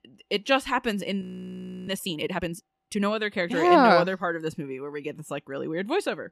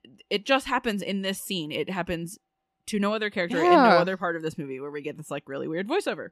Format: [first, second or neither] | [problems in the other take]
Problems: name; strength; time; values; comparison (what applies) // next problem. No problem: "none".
second | audio freezing; at 1 s for 0.5 s